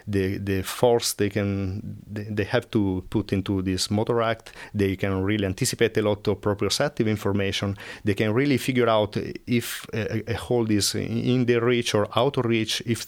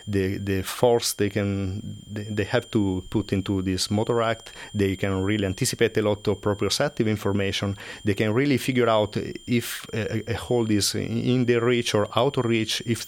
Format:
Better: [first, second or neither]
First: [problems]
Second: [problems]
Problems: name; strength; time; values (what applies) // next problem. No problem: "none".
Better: first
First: none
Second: high-pitched whine; faint; throughout; 3 kHz, 20 dB below the speech